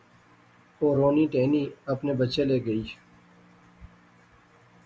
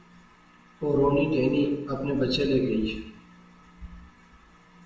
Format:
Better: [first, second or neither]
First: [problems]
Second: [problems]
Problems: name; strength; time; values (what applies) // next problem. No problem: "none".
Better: first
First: none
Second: room echo; dies away in 0.7 s